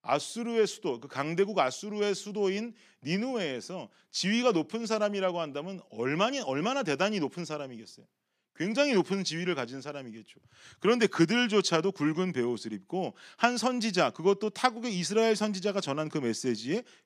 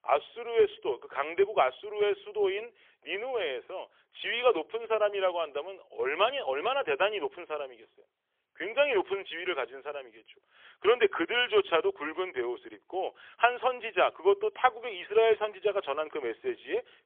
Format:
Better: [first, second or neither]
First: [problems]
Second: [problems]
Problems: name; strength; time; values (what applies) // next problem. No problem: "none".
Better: first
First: none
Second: phone-call audio; poor line; nothing above 3.5 kHz